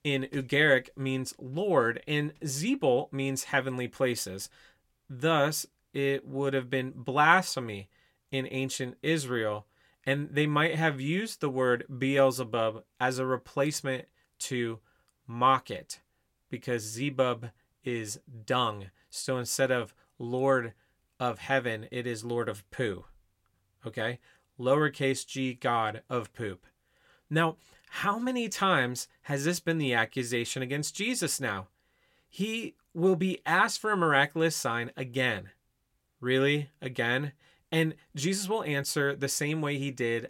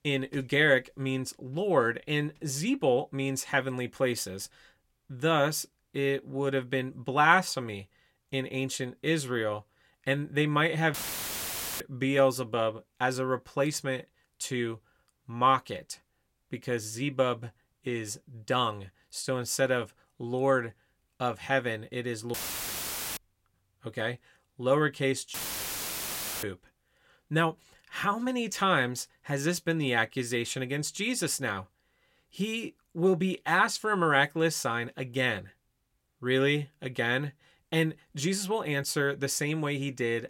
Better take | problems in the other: first | audio cutting out; filled with static; at 11 s for 1 s, at 22 s for 1 s and at 25 s for 1 s

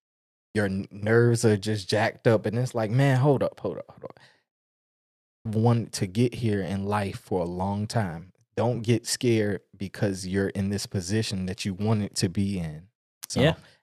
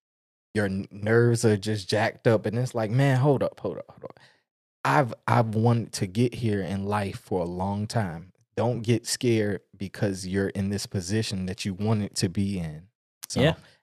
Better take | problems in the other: second | audio cutting out; at 4.5 s for 1 s

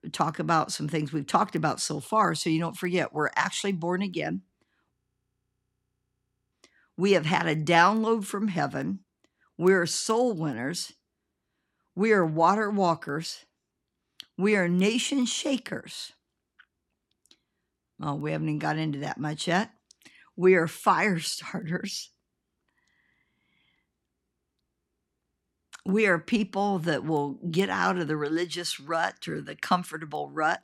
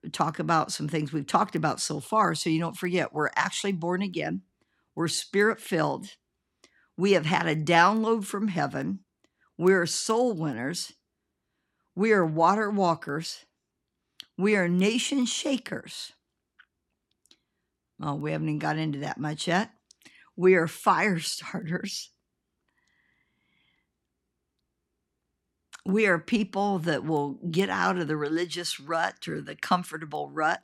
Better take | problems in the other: second | audio freezing; at 5 s for 1.5 s

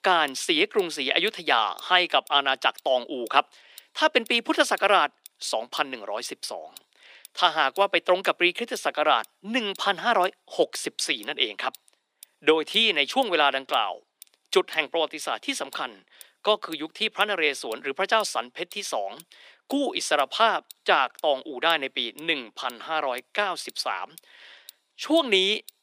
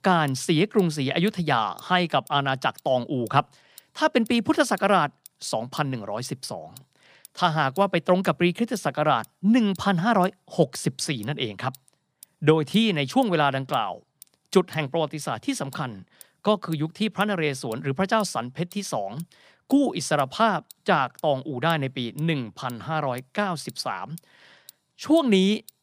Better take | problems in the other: second | thin; somewhat; fading below 350 Hz

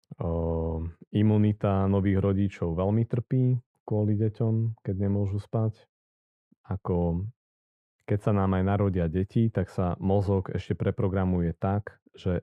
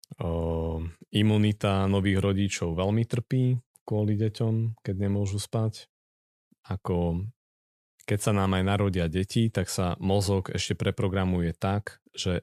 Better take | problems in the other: second | muffled; very; fading above 2.5 kHz

